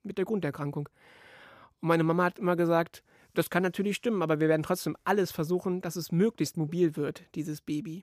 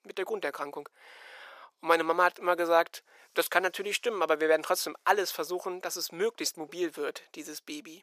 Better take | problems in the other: first | thin; very; fading below 500 Hz

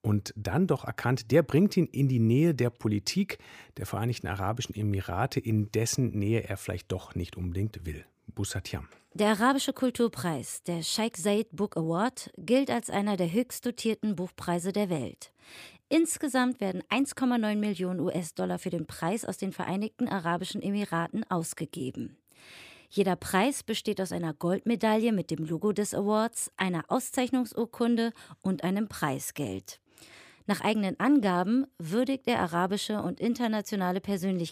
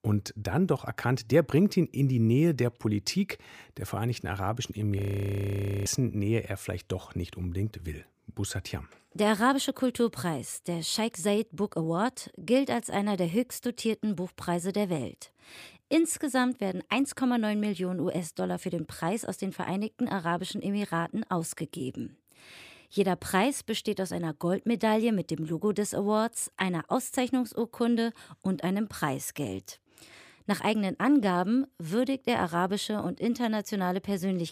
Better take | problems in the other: first | audio freezing; at 5 s for 1 s

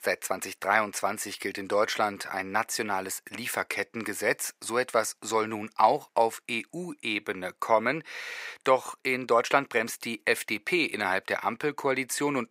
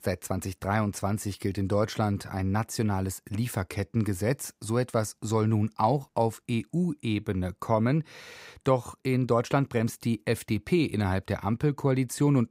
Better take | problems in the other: second | thin; very; fading below 500 Hz

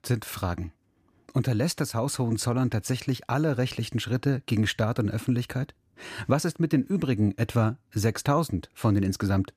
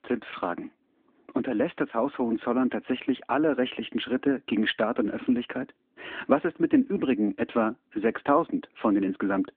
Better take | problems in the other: first | phone-call audio

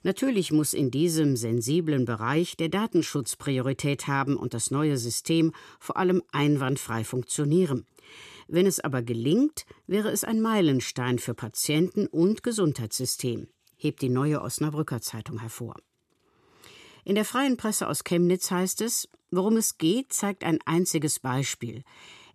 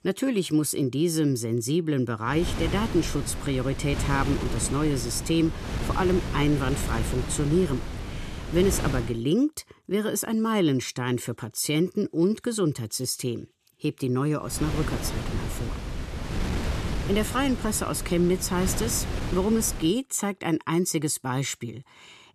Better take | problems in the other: first | wind noise on the microphone; heavy; from 2.5 to 9 s and from 15 to 20 s; 8 dB below the speech

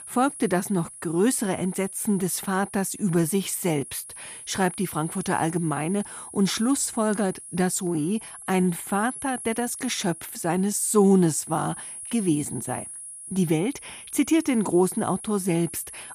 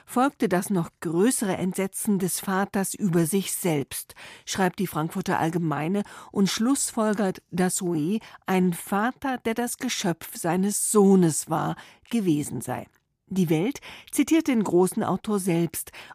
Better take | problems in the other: second | high-pitched whine; noticeable; throughout; 10.5 kHz, 10 dB below the speech

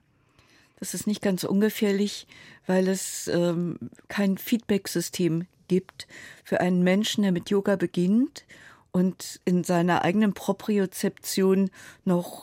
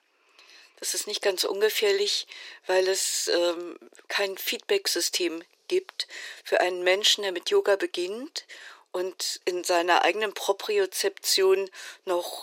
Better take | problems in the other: first | thin; very; fading below 400 Hz

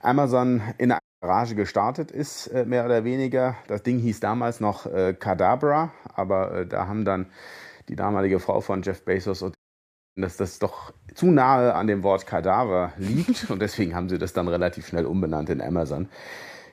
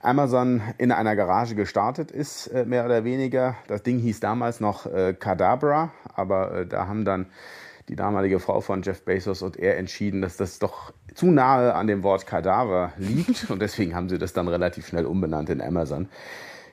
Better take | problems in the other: second | audio cutting out; at 1 s and at 9.5 s for 0.5 s

